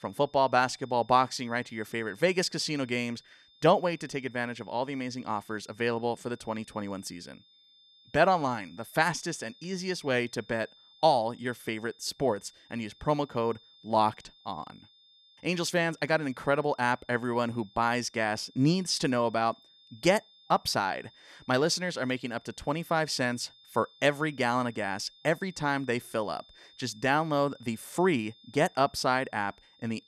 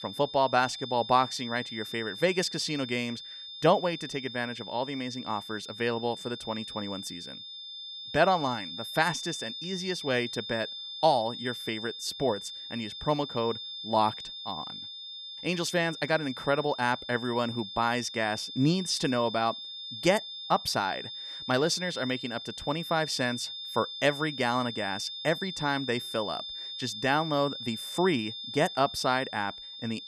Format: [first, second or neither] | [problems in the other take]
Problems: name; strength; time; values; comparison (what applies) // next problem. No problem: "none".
first | high-pitched whine; loud; throughout; 3.5 kHz, 8 dB below the speech; faint in the first